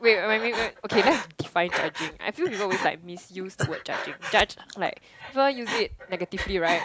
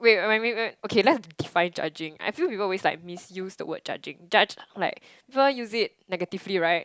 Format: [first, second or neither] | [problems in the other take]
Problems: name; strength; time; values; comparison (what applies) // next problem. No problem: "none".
second | background sound (Breathing); 7 dB below the speech